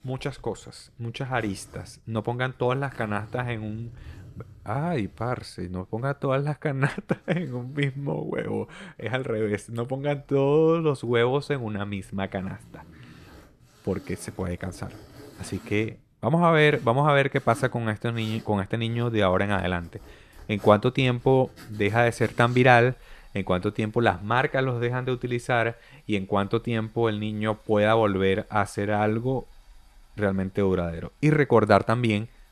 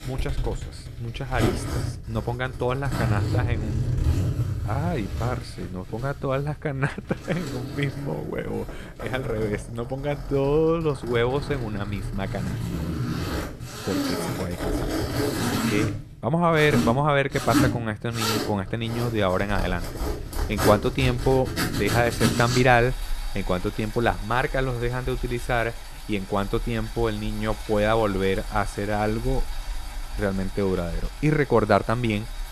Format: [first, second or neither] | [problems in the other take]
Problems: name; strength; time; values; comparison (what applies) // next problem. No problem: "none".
first | household noises; loud; throughout; 4 dB below the speech; faint in the first